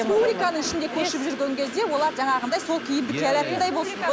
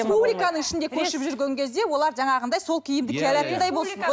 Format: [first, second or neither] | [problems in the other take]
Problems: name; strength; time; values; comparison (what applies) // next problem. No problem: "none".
second | background sound (Train); 11 dB below the speech